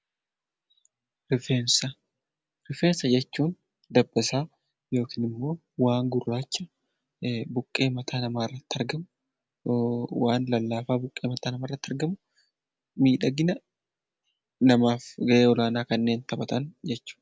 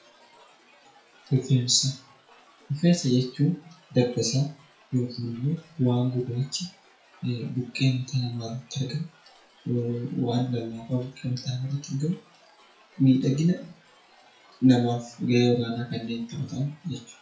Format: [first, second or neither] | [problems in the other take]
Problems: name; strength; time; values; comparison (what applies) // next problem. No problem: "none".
first | noise reduction (classical method WPE with log-MMSE)